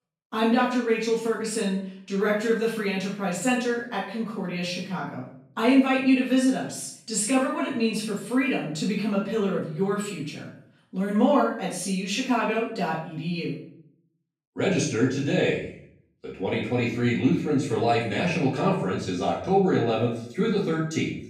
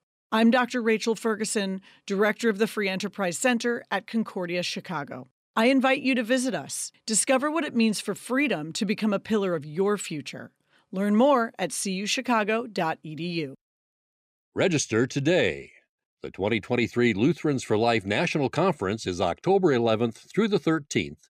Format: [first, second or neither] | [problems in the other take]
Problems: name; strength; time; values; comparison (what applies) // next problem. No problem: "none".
second | off-mic speech; far // room echo; noticeable; dies away in 0.5 s